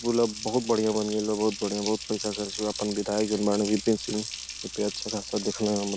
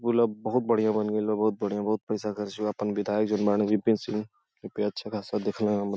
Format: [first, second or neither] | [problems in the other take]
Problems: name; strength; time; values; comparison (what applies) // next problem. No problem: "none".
second | background sound (Water tap, faucet); 10 dB below the speech